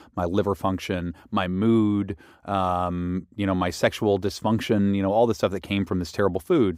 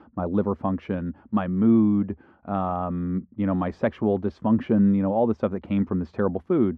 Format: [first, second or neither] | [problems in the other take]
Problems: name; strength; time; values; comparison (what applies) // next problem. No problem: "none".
first | muffled; very; fading above 1.5 kHz